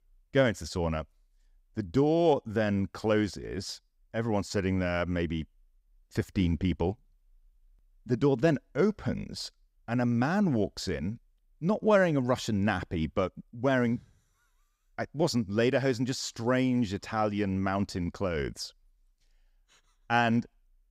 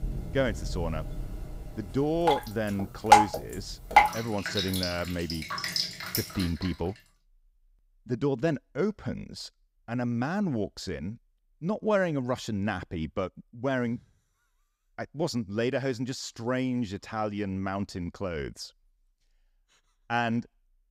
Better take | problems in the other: first | rain or running water; very loud; until 6.5 s; 4 dB above the speech

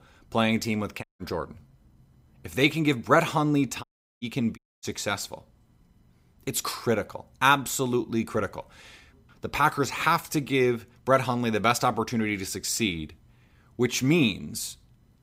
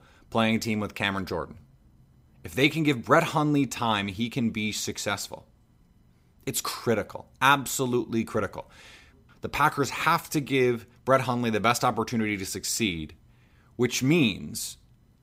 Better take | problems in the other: second | audio cutting out; at 1 s, at 4 s and at 4.5 s

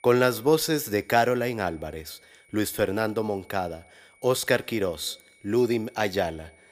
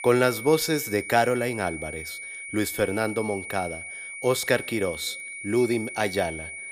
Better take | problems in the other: first | high-pitched whine; loud; throughout; 2 kHz, 9 dB below the speech; faint in the first

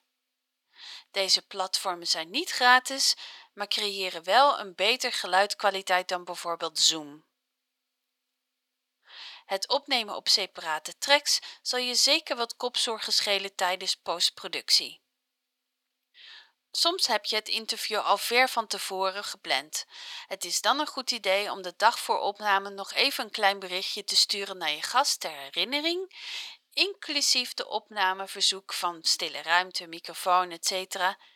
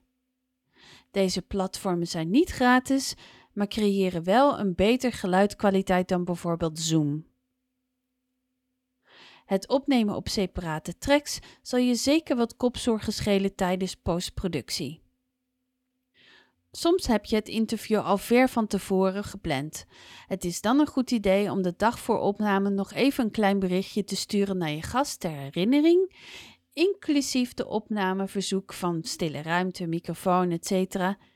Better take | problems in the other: second | thin; very; fading below 900 Hz

